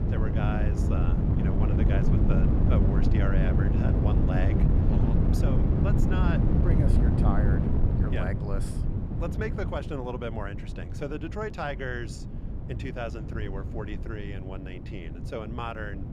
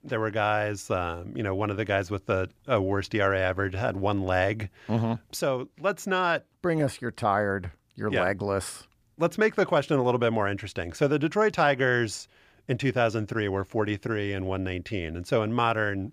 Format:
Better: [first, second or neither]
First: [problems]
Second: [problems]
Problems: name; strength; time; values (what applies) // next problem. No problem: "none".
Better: second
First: wind noise on the microphone; heavy; 1 dB above the speech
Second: none